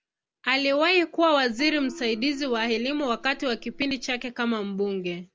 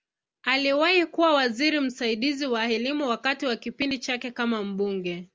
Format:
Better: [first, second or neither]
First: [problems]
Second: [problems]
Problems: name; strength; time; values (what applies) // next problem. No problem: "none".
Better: second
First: background sound (Gong); 18 dB below the speech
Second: none